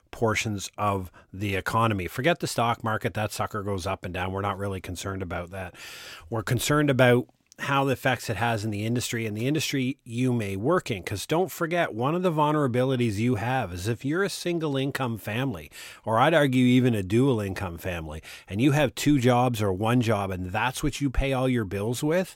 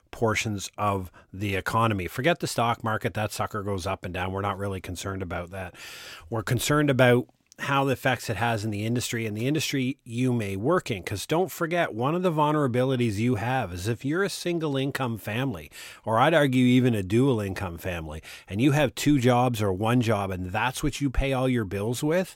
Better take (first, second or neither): neither